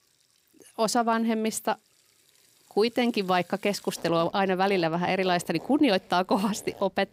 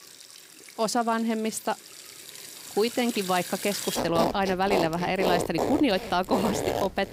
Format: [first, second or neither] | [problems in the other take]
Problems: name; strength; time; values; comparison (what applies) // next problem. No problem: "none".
first | household noises; loud; throughout; 4 dB below the speech; faint in the first